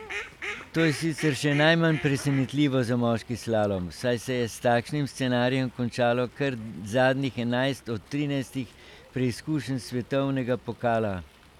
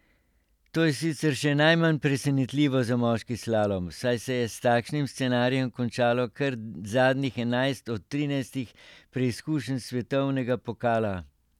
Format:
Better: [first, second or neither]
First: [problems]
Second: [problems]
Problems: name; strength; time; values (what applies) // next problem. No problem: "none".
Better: second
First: background sound (Fowl); 17 dB below the speech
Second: none